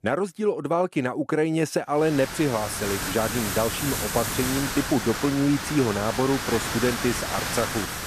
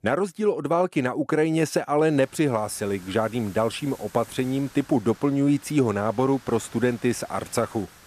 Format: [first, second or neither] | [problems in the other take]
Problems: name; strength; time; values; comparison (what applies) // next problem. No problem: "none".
second | hiss; loud; from 2 s on; 3 dB below the speech; faint in the second